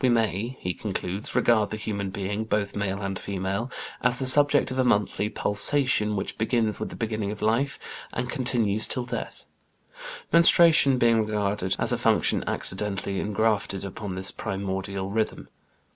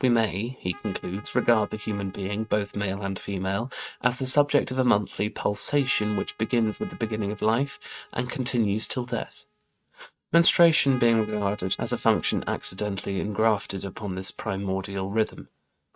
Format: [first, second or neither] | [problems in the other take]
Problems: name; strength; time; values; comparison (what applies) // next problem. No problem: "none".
first | noise reduction (neural mask model RNNoise)